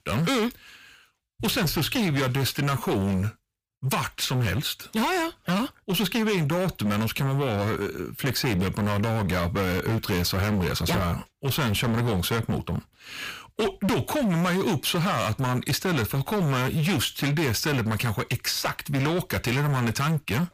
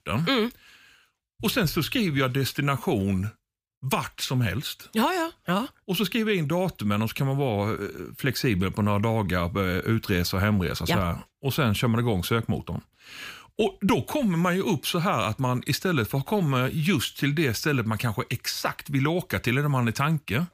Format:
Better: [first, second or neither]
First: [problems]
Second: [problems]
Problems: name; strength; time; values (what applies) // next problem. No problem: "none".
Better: second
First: distortion; heavy; 24% of the sound clipped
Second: none